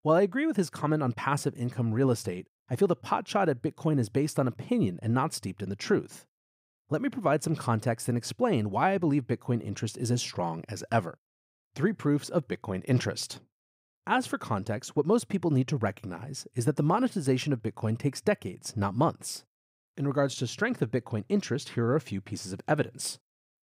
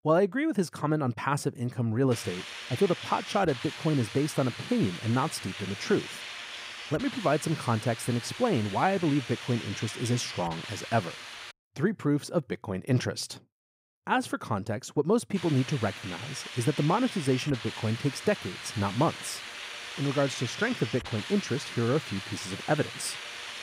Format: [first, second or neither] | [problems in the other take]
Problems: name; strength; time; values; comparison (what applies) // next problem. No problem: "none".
first | hiss; loud; from 2 to 12 s and from 15 s on; 9 dB below the speech